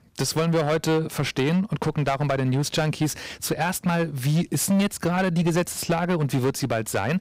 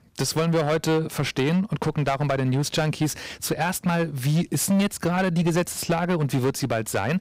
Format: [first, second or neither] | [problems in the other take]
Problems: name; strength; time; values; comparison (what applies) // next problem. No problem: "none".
neither | distortion; slight; 11% of the sound clipped; the same in both